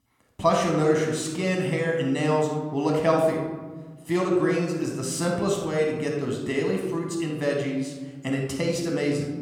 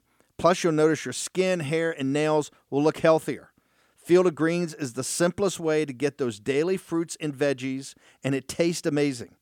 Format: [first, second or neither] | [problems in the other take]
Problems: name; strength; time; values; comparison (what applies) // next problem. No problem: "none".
second | off-mic speech; somewhat distant // room echo; noticeable; dies away in 1.2 s